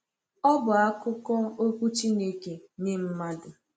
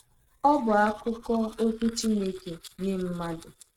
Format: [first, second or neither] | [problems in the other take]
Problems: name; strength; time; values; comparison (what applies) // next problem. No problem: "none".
first | noise reduction (neural mask model RNNoise)